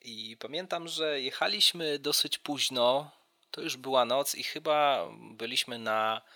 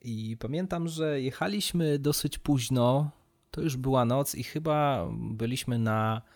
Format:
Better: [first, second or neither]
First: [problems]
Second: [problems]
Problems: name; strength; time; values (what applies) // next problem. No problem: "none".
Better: second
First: thin; very; fading below 450 Hz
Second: none